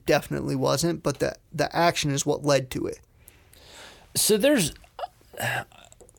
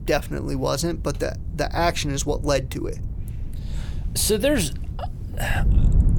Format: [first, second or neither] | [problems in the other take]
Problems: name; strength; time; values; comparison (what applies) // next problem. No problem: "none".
first | wind noise on the microphone; occasional gusts; 20 dB below the speech